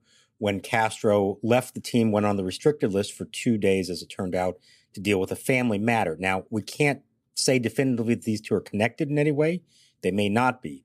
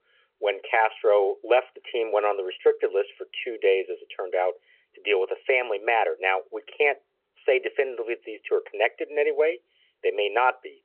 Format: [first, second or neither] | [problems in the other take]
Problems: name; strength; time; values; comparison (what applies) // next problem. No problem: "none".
first | phone-call audio